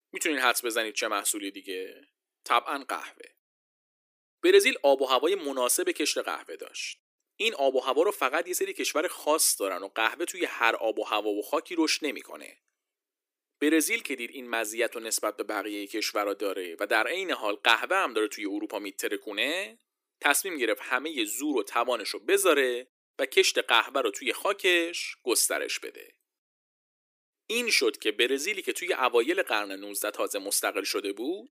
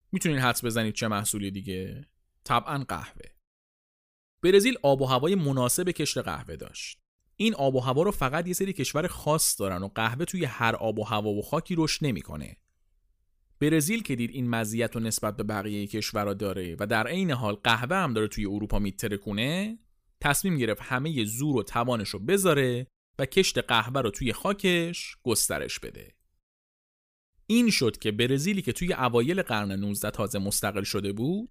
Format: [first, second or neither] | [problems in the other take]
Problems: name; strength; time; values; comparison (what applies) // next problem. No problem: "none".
second | thin; somewhat; fading below 300 Hz